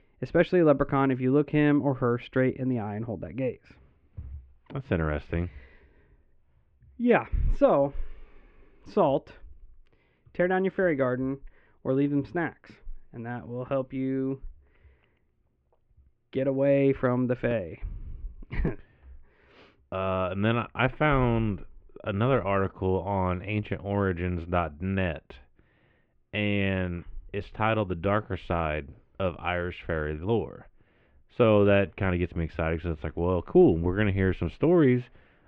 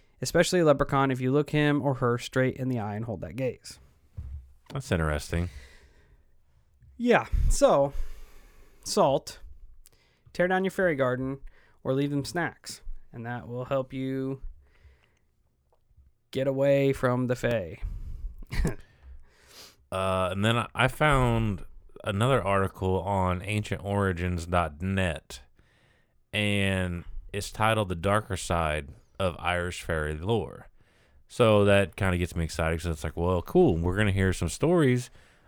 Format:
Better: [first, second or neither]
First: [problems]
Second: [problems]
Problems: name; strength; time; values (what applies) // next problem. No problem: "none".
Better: second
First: muffled; very; fading above 2.5 kHz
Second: none